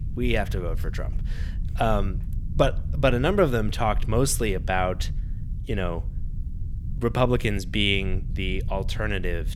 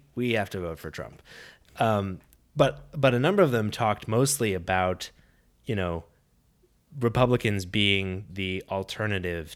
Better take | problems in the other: second | low rumble; faint; throughout; 20 dB below the speech

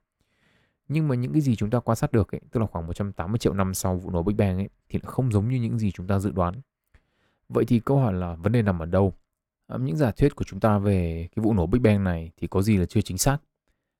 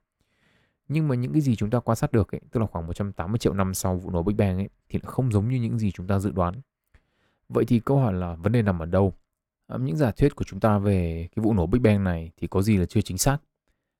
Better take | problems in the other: neither | none

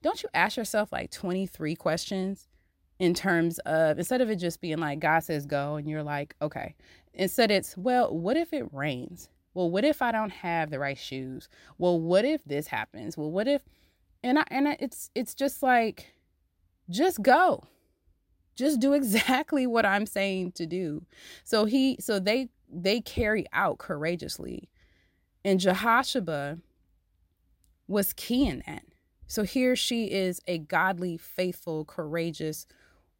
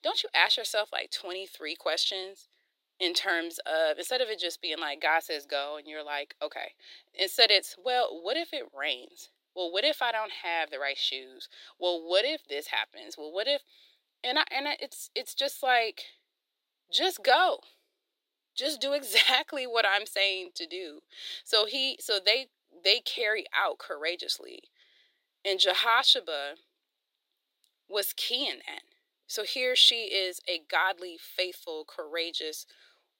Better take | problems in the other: first | thin; very; fading below 350 Hz

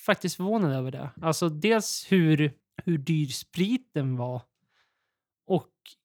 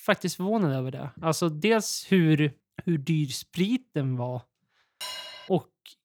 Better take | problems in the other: first | clattering dishes; noticeable; at 5 s; peak 8 dB below the speech

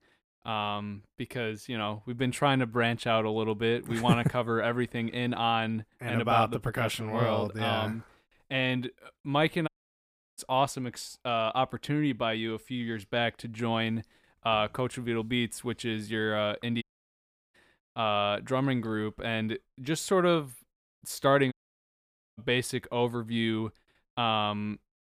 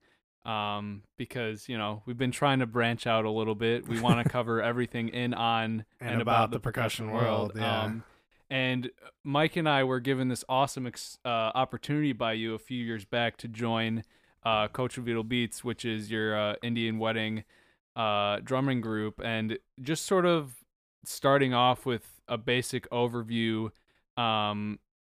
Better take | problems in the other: second | audio cutting out; at 9.5 s for 0.5 s, at 17 s for 0.5 s and at 22 s for 1 s

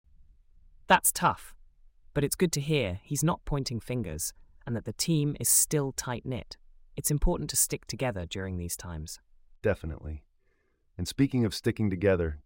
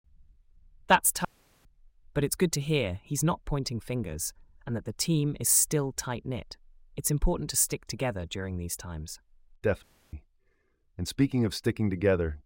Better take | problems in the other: first | audio cutting out; at 1.5 s and at 10 s

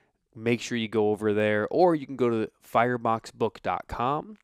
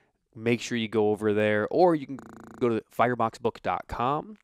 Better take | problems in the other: first | audio freezing; at 2 s

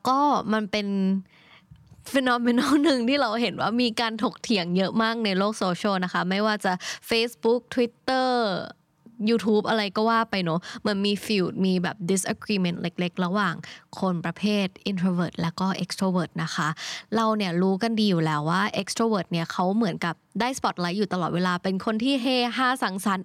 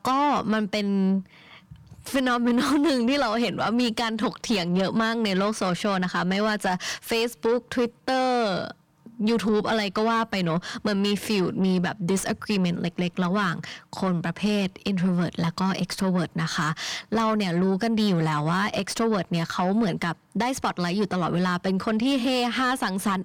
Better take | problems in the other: first | distortion; slight; 10 dB below the speech

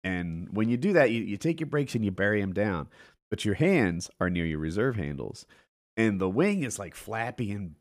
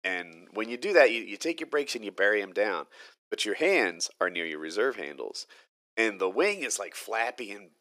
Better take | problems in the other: first | thin; very; fading below 400 Hz

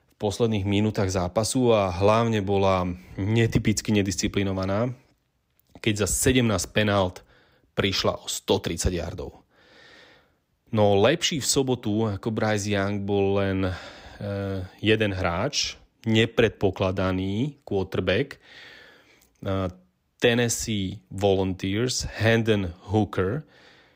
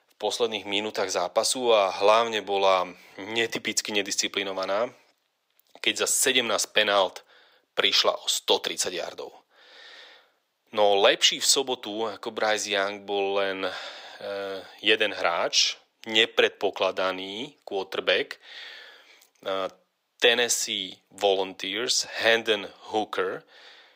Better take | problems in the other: first | thin; very; fading below 600 Hz

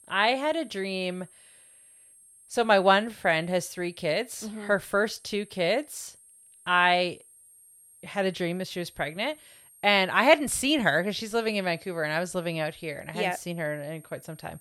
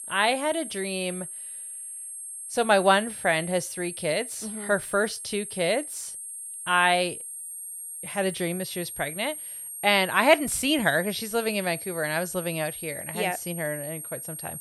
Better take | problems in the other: first | high-pitched whine; loud; throughout; 8.5 kHz, 9 dB below the speech; faint in the first

